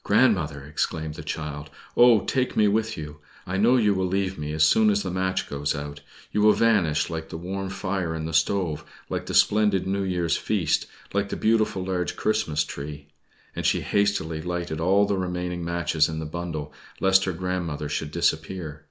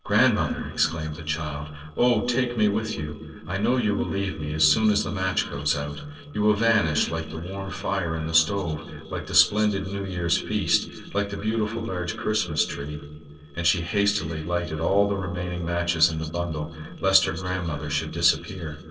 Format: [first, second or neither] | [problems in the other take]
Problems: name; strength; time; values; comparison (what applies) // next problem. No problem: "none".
first | noise reduction (neural separator model SepFormer DNS4)